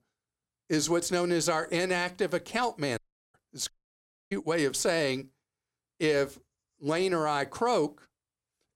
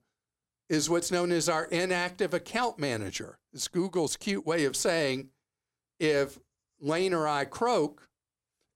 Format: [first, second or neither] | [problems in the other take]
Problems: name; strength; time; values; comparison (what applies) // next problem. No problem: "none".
second | audio cutting out; at 3 s and at 3.5 s for 0.5 s